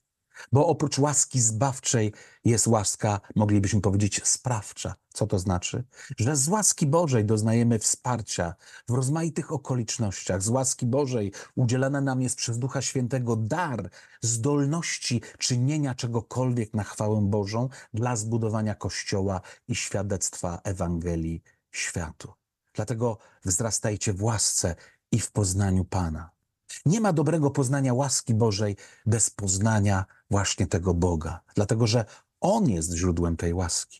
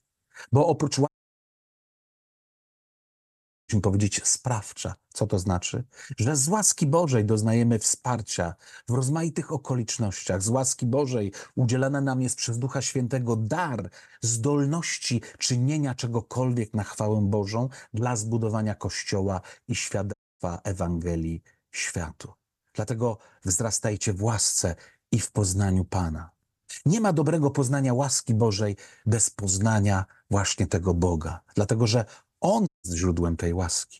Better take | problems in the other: first | audio cutting out; at 1 s for 2.5 s, at 20 s and at 33 s

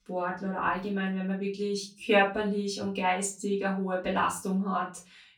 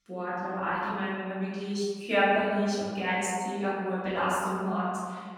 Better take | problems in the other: first | room echo; strong; dies away in 1.7 s; slight in the first // off-mic speech; far; far in the first

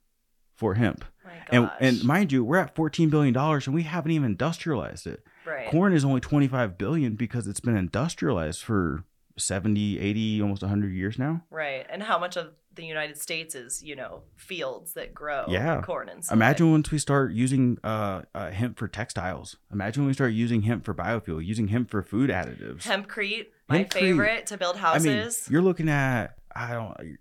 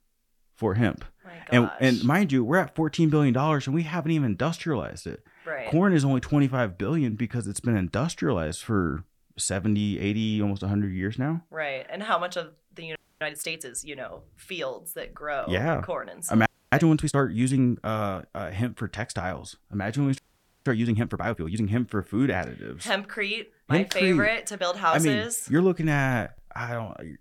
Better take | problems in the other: first | audio freezing; at 13 s, at 16 s and at 20 s

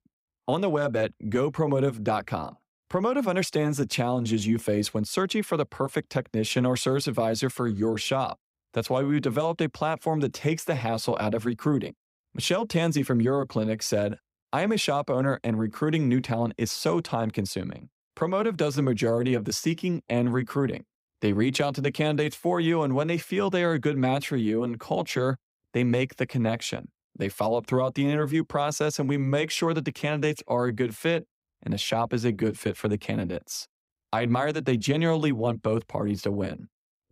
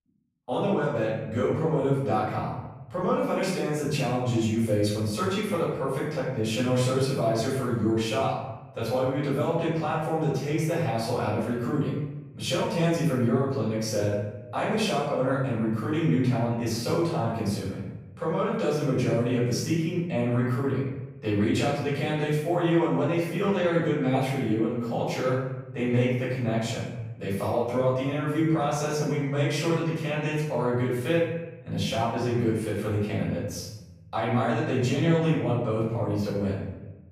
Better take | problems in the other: first | off-mic speech; far // room echo; strong; dies away in 1 s

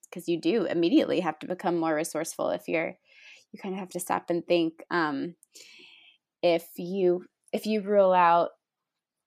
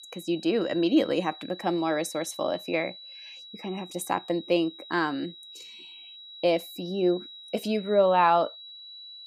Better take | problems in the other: first | high-pitched whine; noticeable; throughout; 4 kHz, 15 dB below the speech

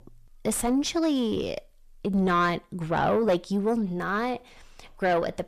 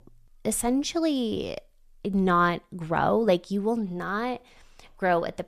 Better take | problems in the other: second | distortion; slight; 10 dB below the speech

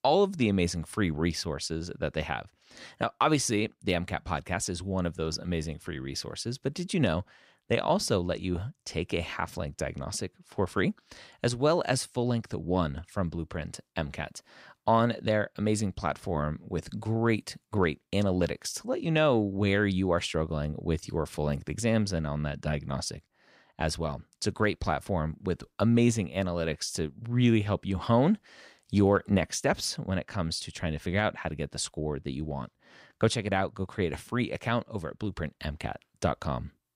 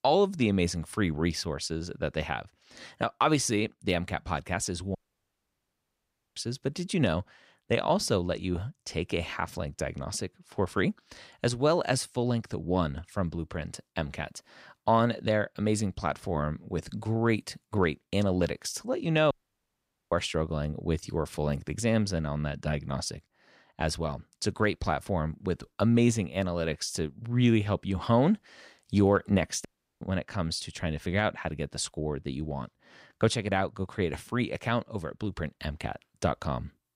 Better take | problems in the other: first | audio cutting out; at 5 s for 1.5 s, at 19 s for 1 s and at 30 s

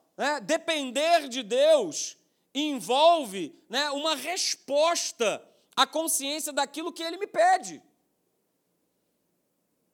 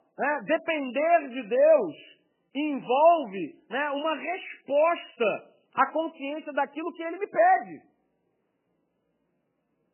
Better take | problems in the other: first | garbled, watery; badly; nothing above 3 kHz

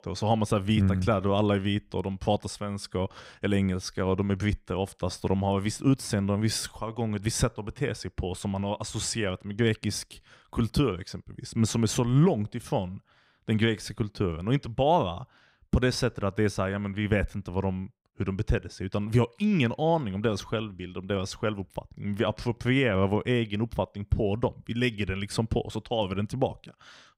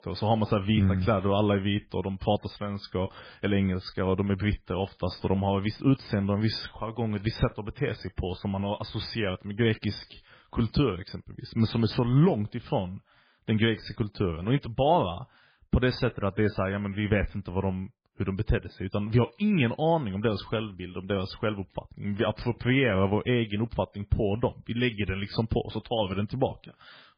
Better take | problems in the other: first | garbled, watery; badly; nothing above 5 kHz

